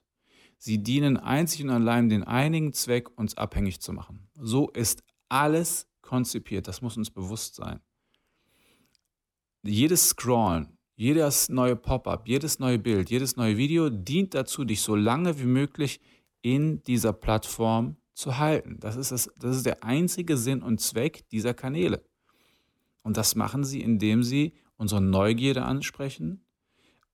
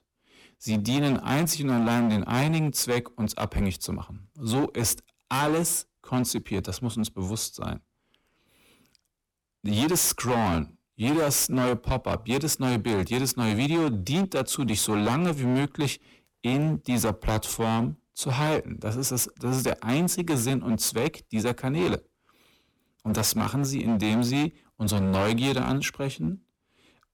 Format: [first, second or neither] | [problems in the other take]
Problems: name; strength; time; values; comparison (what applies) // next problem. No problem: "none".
first | distortion; heavy; 16% of the sound clipped